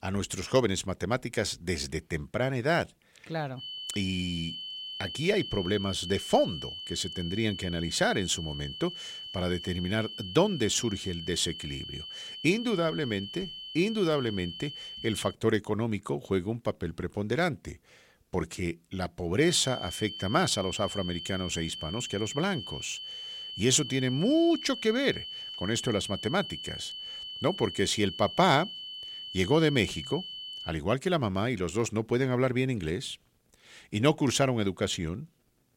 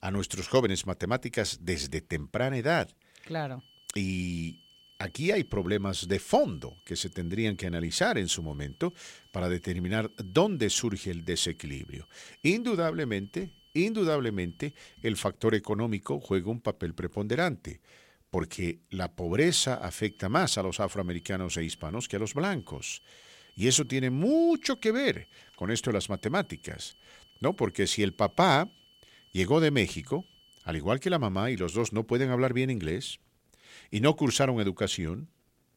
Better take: second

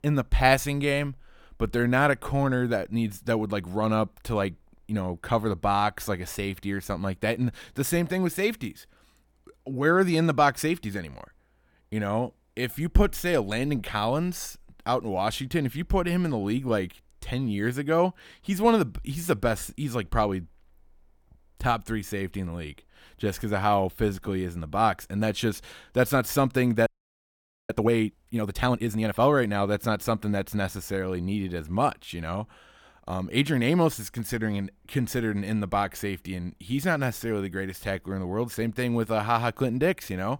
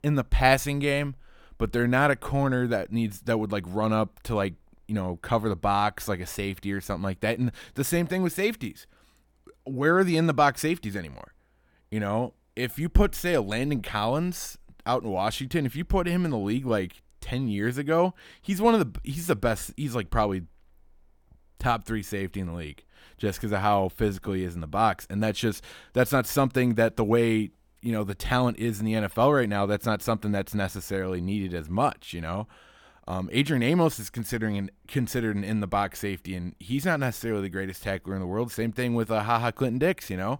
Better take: second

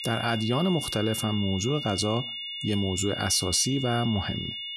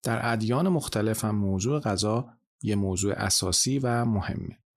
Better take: second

